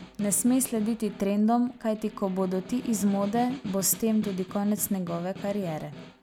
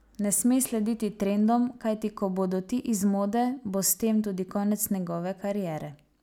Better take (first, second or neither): second